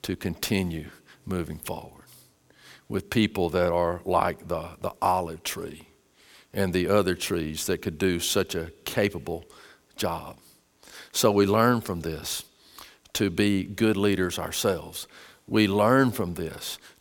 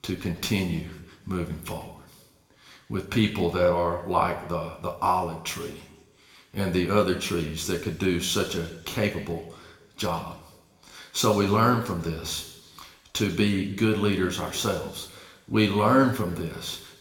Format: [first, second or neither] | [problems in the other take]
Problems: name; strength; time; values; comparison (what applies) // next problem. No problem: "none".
first | room echo; slight; dies away in 0.9 s // off-mic speech; somewhat distant